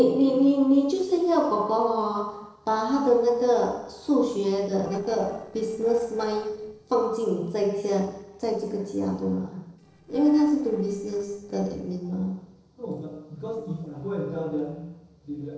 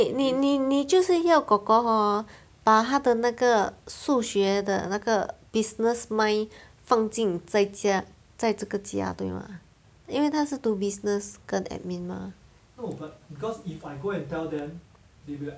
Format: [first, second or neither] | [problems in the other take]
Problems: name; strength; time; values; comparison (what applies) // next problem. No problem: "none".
second | noise reduction (neural separator model SepFormer DNS4)